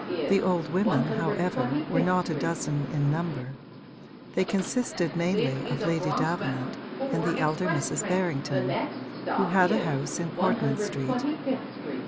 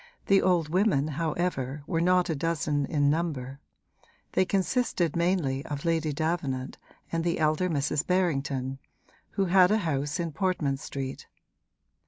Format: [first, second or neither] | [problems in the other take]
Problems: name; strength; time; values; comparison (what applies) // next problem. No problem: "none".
second | background sound (Subway, metro, underground); 3 dB below the speech